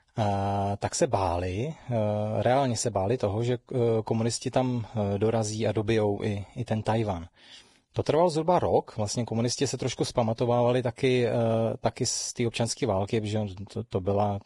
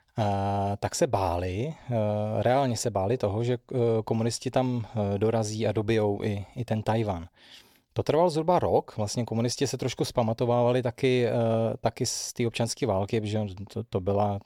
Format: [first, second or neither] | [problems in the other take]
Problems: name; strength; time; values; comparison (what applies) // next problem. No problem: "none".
second | garbled, watery; badly; nothing above 10.5 kHz